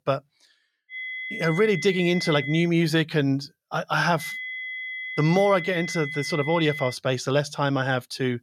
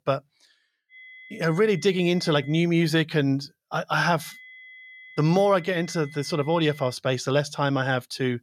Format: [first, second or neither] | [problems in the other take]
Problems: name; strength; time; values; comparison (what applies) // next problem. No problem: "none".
second | high-pitched whine; loud; from 1 to 2.5 s and from 4 to 7 s; 2 kHz, 8 dB below the speech; faint in the second